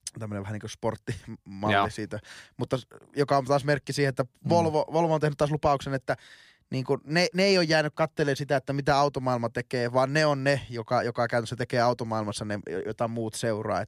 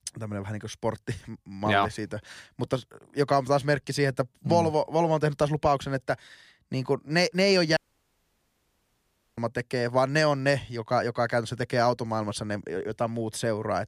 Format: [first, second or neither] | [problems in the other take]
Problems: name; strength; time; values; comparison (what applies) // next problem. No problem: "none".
first | audio cutting out; at 8 s for 1.5 s